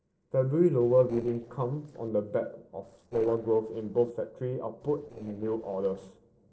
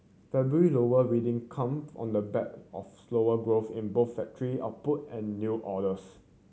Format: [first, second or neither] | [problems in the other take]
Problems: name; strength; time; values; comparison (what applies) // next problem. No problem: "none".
second | noise reduction (neural separator model SepFormer DNS4)